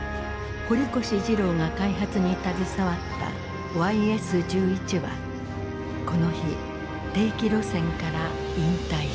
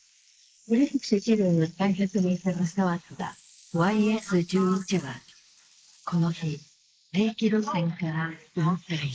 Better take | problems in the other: first | noise reduction (neural mask model Resemble Enhance denoiser)

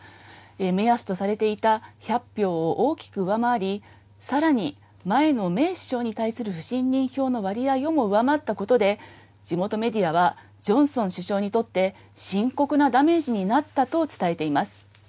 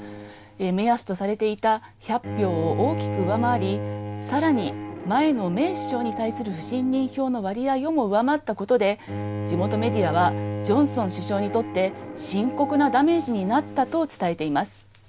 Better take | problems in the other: first | background sound (Bowed string instrument); 8 dB below the speech

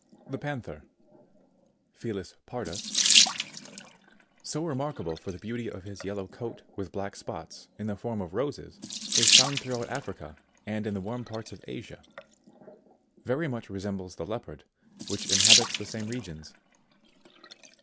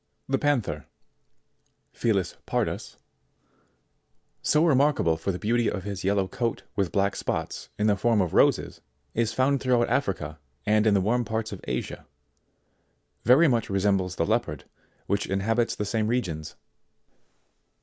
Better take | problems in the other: second | background sound (Sink (filling or washing) / Water tap, faucet); 4 dB above the speech

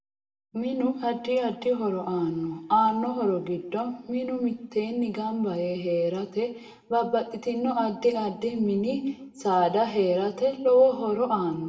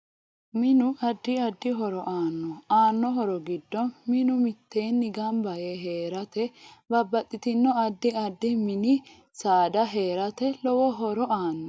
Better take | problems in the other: second | room echo; dies away in 0.7 s

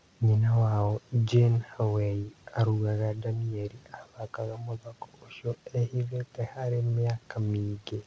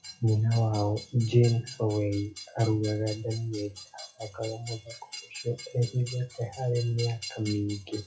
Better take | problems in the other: first | noise reduction (classical method WPE with log-MMSE)

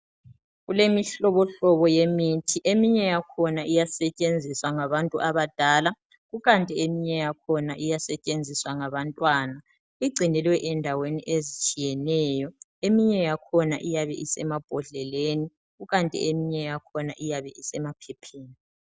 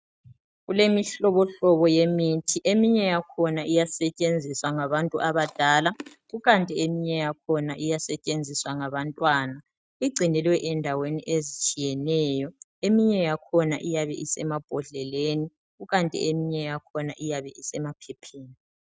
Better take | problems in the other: first | noise reduction (neural mask model RNNoise)

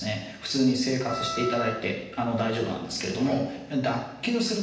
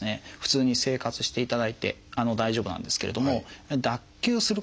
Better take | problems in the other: second | background sound (Wind instrument, woodwind instrument); 7 dB below the speech // room echo; dies away in 0.9 s

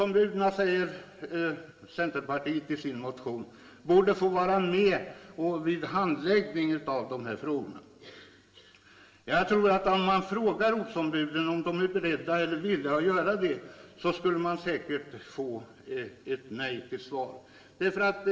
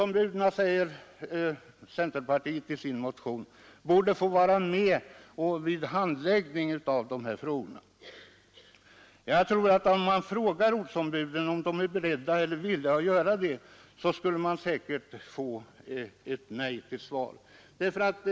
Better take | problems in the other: second | room echo; dies away in 2.9 s

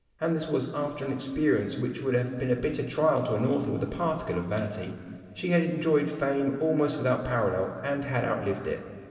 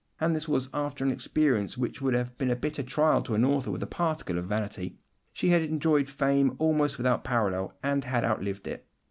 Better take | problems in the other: second | room echo; dies away in 2.5 s

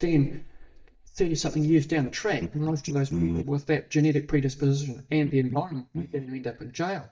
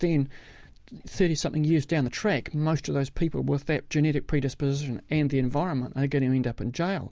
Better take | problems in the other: second | noise reduction (neural mask model DeepFilterNet 3)

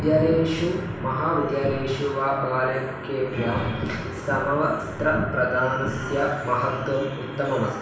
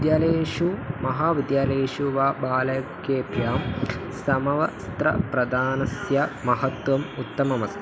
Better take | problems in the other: second | room echo; dies away in 0.9 s

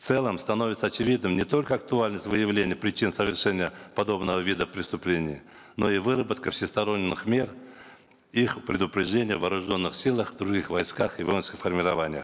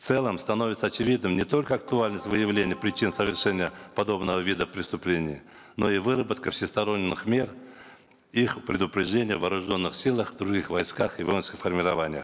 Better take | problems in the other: first | background sound (Keyboard (musical)); 18 dB below the speech

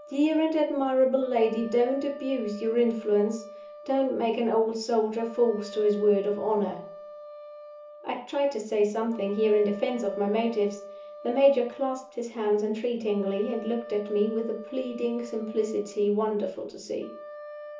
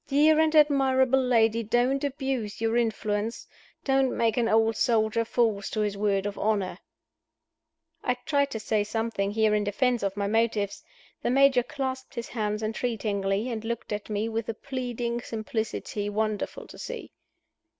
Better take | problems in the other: second | background sound (Wind instrument, woodwind instrument); 17 dB below the speech // room echo; dies away in 0.8 s

